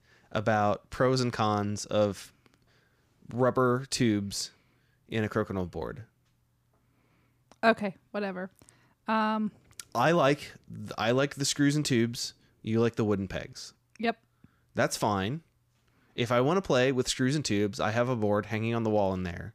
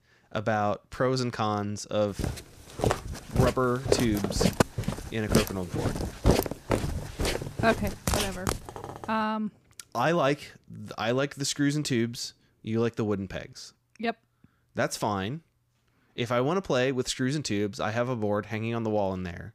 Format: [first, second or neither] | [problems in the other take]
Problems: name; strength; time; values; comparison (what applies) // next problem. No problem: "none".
first | footsteps; loud; from 2 to 9 s; peak 4 dB above the speech